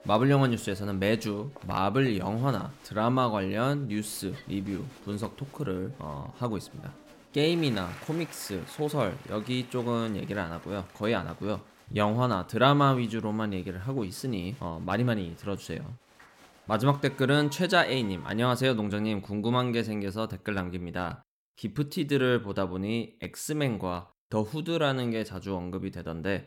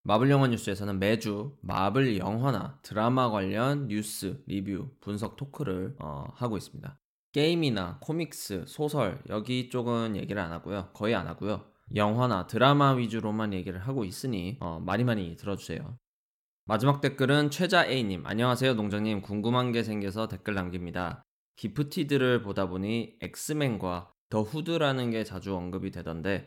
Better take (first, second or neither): second